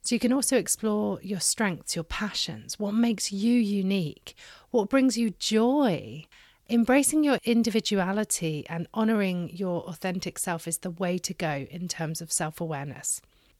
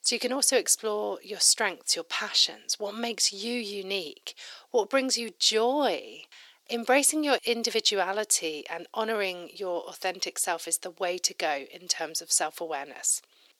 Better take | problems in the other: first | thin; somewhat; fading below 350 Hz

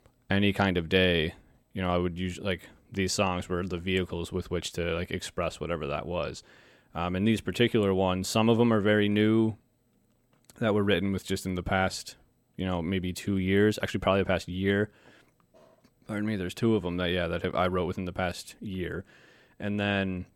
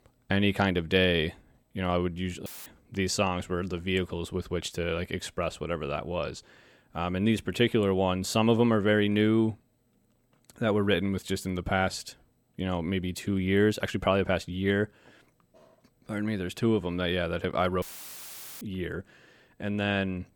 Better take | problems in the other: first | audio cutting out; filled with static; at 2.5 s and at 18 s for 1 s

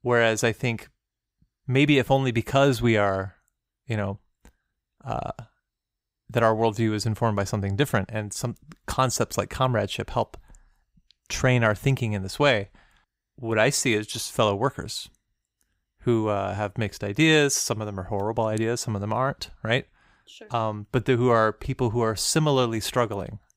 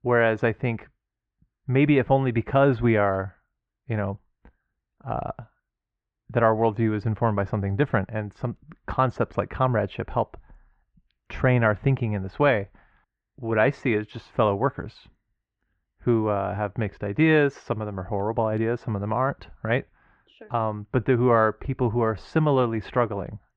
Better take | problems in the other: first | muffled; very; fading above 2 kHz

